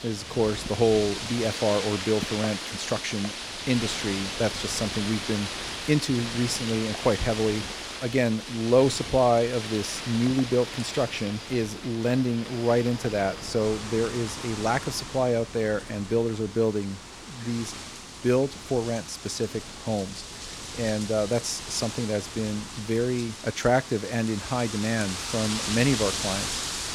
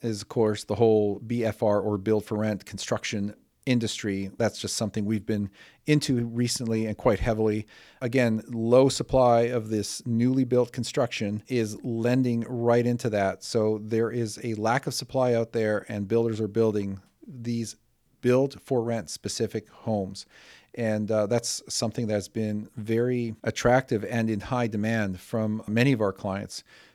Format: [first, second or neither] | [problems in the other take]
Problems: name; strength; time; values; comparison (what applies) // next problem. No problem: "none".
second | wind in the background; loud; throughout; 7 dB below the speech